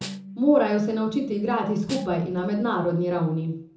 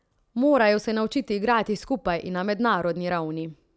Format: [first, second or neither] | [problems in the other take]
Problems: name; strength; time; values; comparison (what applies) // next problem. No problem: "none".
second | background sound (Snare drum); 18 dB below the speech // room echo; dies away in 0.6 s